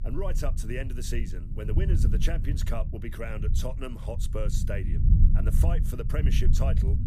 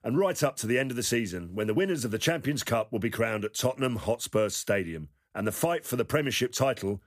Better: second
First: low rumble; loud; throughout; 6 dB below the speech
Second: none

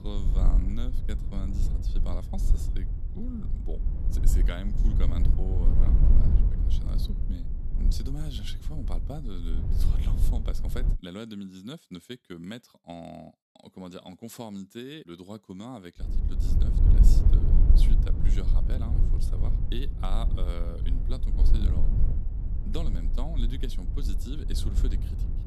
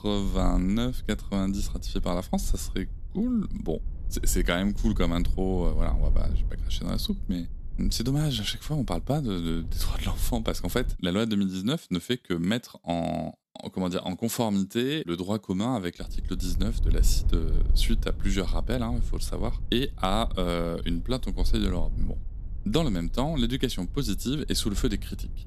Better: second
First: low rumble; loud; until 11 s and from 16 s on; 2 dB below the speech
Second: low rumble; faint; until 11 s and from 16 s on; 20 dB below the speech

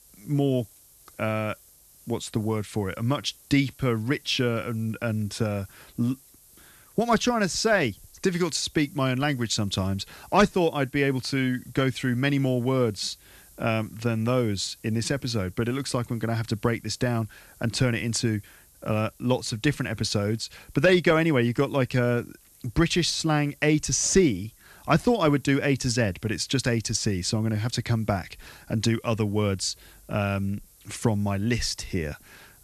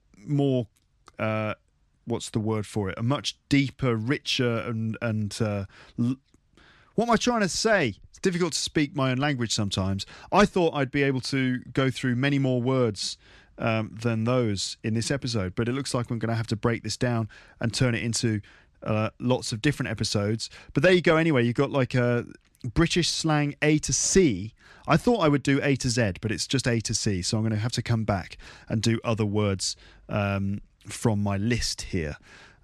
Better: second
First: hiss; faint; throughout; 25 dB below the speech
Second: none

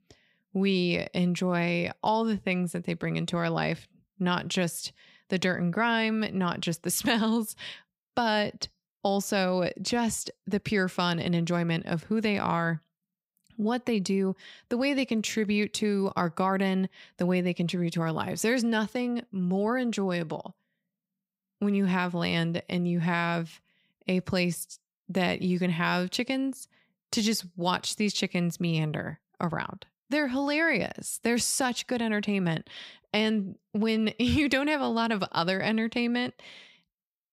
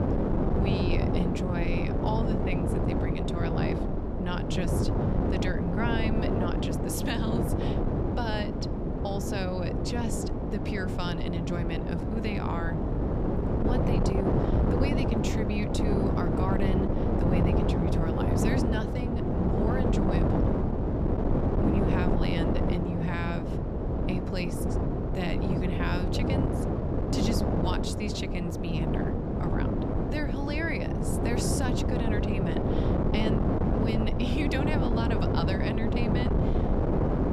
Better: first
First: none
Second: wind noise on the microphone; heavy; 3 dB above the speech

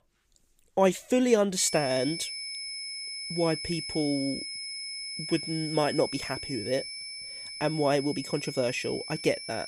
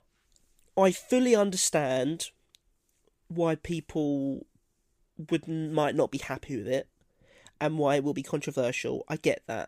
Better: second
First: high-pitched whine; loud; from 1.5 s on; 5 kHz, 7 dB below the speech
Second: none

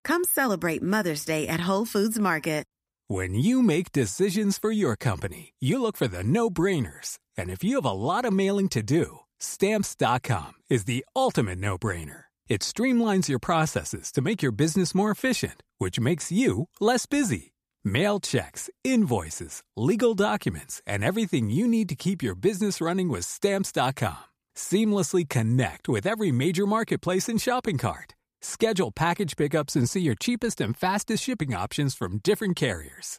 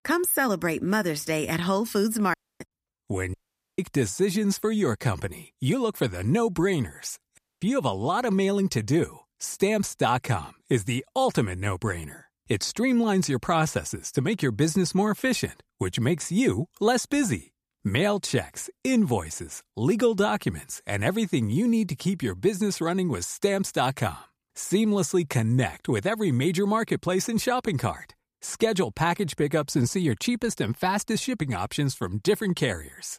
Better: first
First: none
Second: audio cutting out; at 2.5 s, at 3.5 s and at 7.5 s

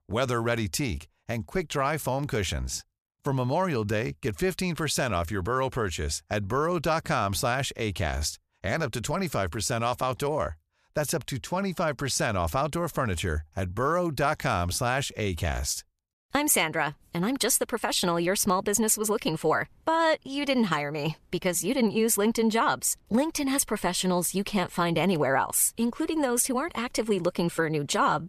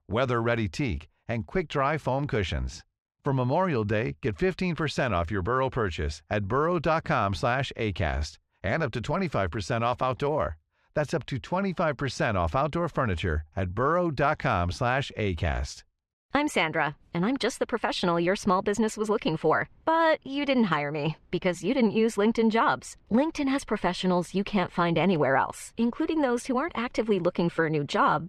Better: first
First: none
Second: muffled; slightly; fading above 3 kHz

